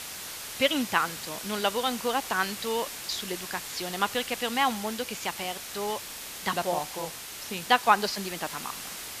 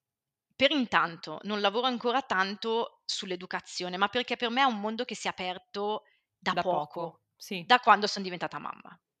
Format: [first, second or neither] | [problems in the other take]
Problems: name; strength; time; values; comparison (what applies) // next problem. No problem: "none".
second | hiss; loud; throughout; 7 dB below the speech